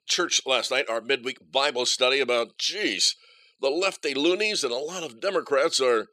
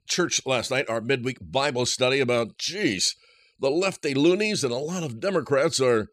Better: second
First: thin; somewhat; fading below 400 Hz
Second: none

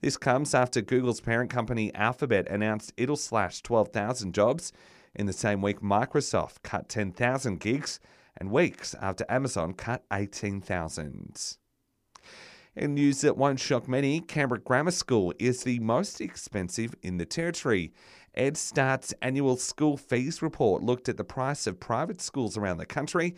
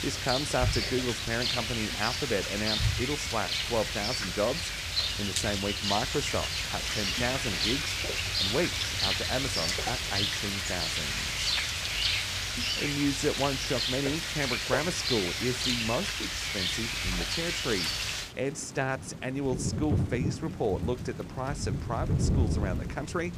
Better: first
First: none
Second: rain or running water; very loud; throughout; 4 dB above the speech

